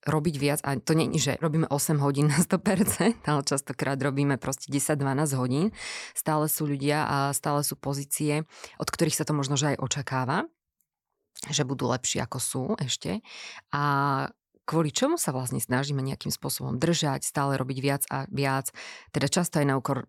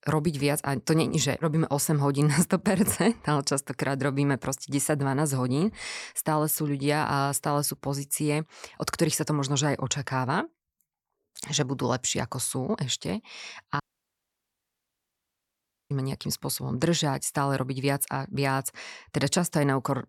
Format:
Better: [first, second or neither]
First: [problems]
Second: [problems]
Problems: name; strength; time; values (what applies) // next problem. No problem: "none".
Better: first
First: none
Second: audio cutting out; at 14 s for 2 s